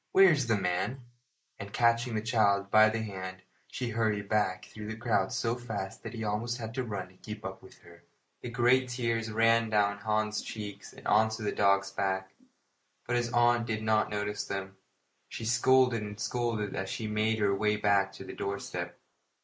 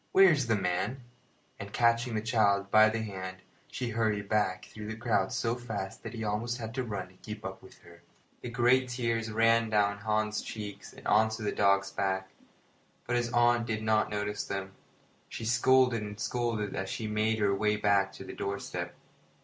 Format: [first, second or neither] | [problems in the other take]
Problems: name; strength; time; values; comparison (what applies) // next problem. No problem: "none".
second | noise reduction (neural mask model Resemble Enhance denoiser)